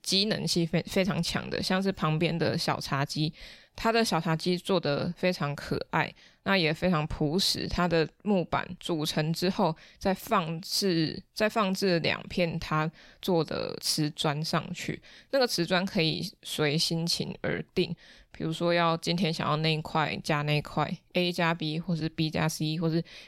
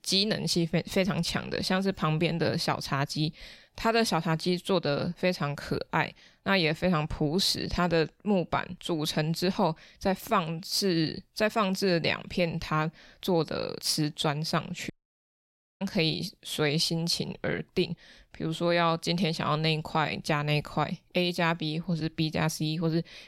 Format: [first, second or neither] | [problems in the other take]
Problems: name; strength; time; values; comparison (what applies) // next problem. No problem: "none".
first | audio cutting out; at 15 s for 1 s